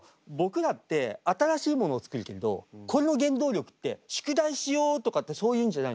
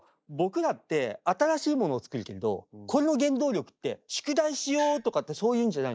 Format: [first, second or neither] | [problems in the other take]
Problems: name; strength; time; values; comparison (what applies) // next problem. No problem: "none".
first | noise reduction (neural mask model DeepFilterNet 3)